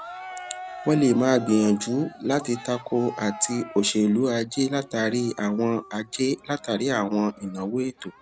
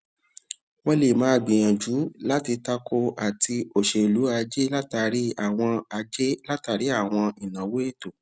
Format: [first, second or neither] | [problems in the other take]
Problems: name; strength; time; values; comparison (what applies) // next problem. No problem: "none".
second | background sound (Cheering); 17 dB below the speech